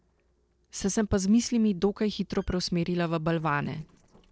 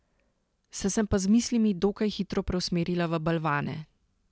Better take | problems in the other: second | noise reduction (neural separator model SepFormer DNS4)

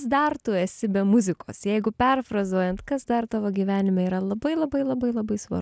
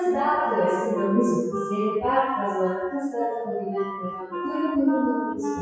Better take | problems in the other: first | noise reduction (classical method WPE with log-MMSE)

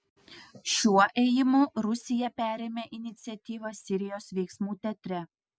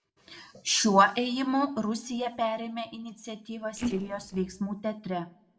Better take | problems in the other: first | noise reduction (neural separator model SepFormer DNS4)

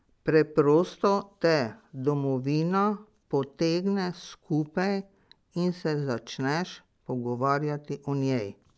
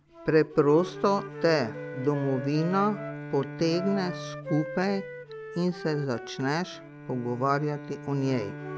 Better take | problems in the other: first | background sound (Wind instrument, woodwind instrument + Bowed string instrument); 11 dB below the speech

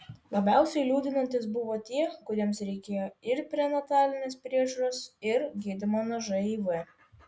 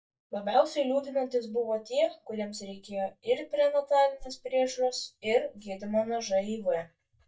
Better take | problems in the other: first | noise reduction (neural mask model DeepFilterNet 3)

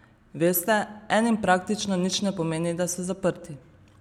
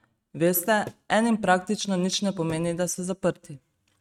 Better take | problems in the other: first | noise reduction (neural mask model RNNoise)

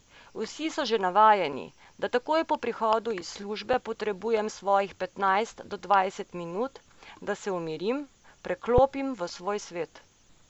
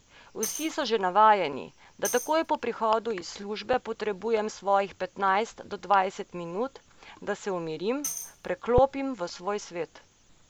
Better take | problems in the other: first | background sound (Tambourine); 13 dB below the speech

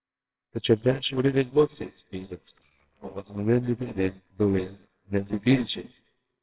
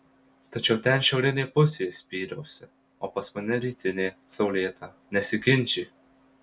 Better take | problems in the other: second | noise reduction (neural separator model SepFormer WHAMR!)

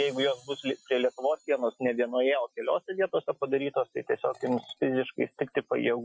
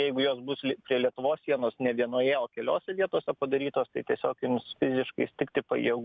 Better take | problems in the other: second | noise reduction (classical method Wiener filter)

